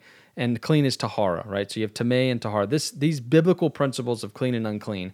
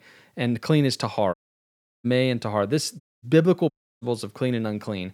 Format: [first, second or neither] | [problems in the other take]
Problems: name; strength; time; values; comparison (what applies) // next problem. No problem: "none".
first | audio cutting out; at 1.5 s for 0.5 s, at 3 s and at 3.5 s